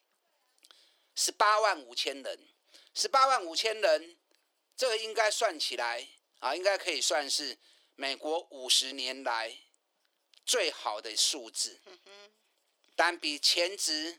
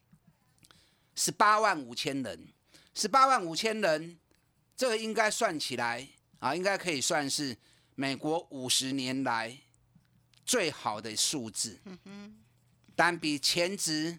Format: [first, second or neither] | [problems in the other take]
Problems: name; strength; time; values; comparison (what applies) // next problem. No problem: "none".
second | thin; somewhat; fading below 350 Hz